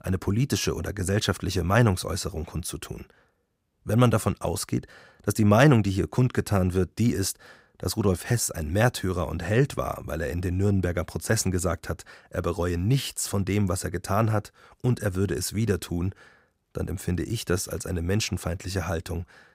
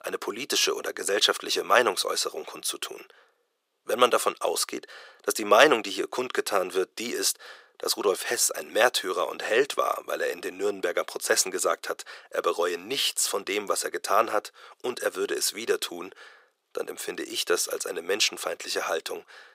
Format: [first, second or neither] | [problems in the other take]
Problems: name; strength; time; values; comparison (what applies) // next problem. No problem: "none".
first | thin; very; fading below 400 Hz